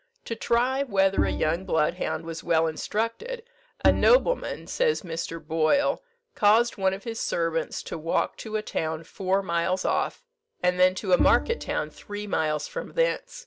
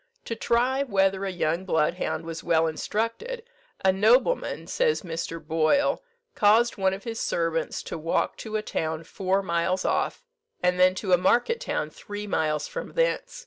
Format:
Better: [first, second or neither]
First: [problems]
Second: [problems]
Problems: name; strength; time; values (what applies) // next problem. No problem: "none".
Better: second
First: background sound (Bowed string instrument); 6 dB below the speech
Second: none